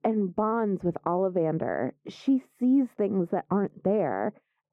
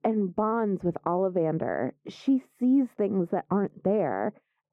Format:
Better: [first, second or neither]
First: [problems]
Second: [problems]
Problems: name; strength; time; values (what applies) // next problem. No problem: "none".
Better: neither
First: muffled; very; fading above 2.5 kHz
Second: muffled; very; fading above 2.5 kHz